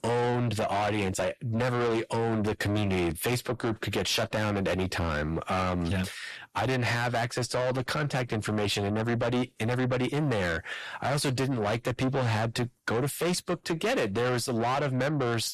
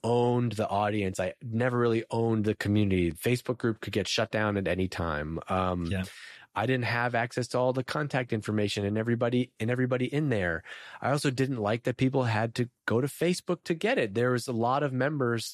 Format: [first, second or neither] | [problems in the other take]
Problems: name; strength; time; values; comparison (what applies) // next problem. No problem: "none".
second | distortion; heavy; 6 dB below the speech